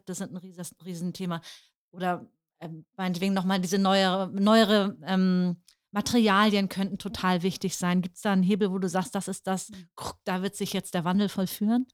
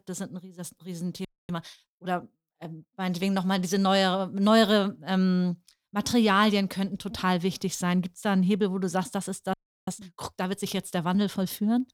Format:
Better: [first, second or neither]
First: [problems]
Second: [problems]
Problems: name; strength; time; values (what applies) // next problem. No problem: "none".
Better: first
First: none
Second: audio freezing; at 1.5 s and at 9.5 s